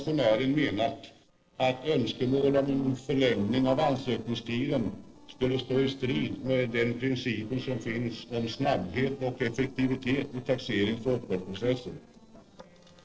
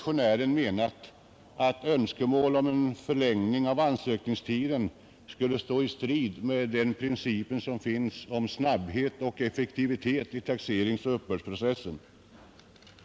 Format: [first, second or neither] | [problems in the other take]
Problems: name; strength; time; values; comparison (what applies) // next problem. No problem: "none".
second | noise reduction (neural separator model SepFormer DNS4)